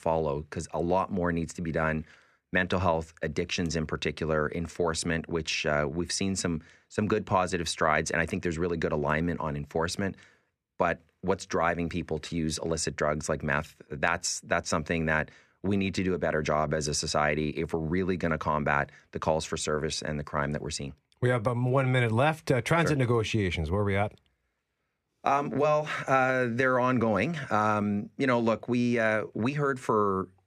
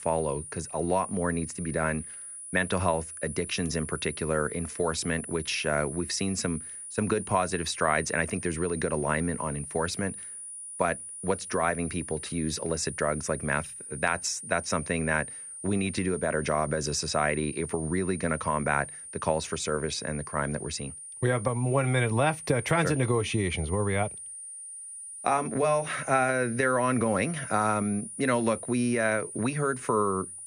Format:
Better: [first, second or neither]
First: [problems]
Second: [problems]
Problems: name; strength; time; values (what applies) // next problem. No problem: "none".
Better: first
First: none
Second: high-pitched whine; loud; throughout; 9.5 kHz, 10 dB below the speech